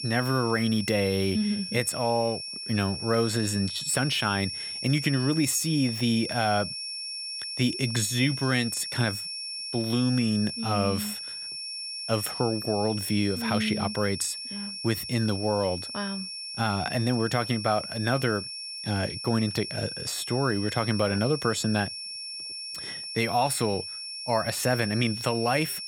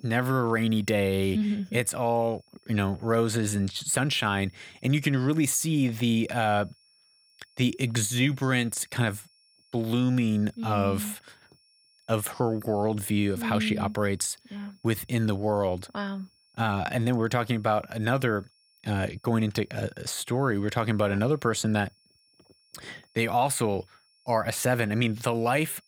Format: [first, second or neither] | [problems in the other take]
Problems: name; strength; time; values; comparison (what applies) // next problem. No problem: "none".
second | high-pitched whine; loud; throughout; 5.5 kHz, 6 dB below the speech; faint in the second